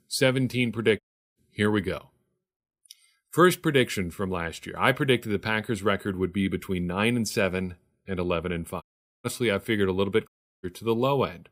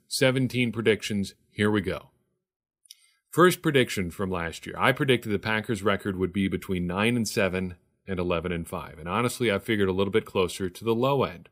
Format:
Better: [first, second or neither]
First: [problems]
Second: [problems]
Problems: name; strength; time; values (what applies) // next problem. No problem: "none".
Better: second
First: audio cutting out; at 1 s, at 9 s and at 10 s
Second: none